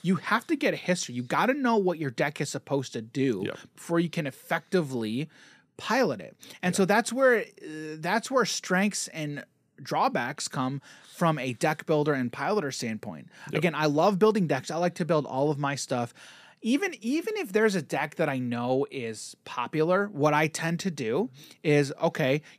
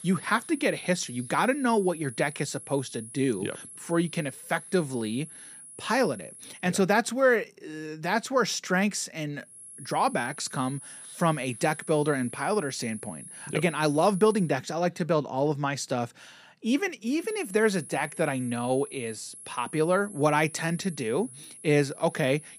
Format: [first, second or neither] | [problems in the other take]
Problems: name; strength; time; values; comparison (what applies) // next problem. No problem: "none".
first | high-pitched whine; noticeable; until 6.5 s, from 9.5 to 14 s and from 17 s on; 11 kHz, 15 dB below the speech